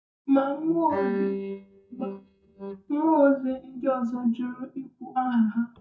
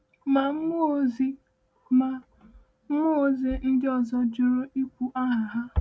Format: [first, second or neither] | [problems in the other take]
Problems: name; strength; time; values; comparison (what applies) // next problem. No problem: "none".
second | noise reduction (neural mask model DeepFilterNet 3)